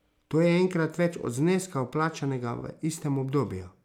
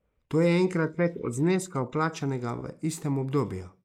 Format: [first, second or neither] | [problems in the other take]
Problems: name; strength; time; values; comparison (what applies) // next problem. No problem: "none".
first | noise reduction (neural mask model Resemble Enhance denoiser)